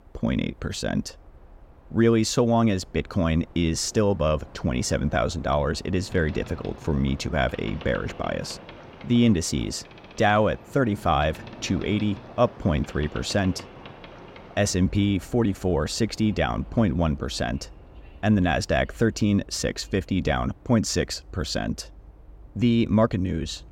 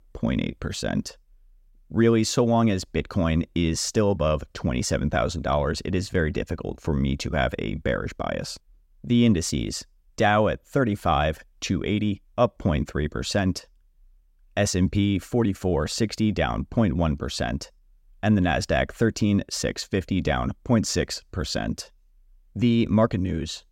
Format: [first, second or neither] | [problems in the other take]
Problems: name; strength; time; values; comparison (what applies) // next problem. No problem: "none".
second | train or aircraft noise; faint; throughout; 20 dB below the speech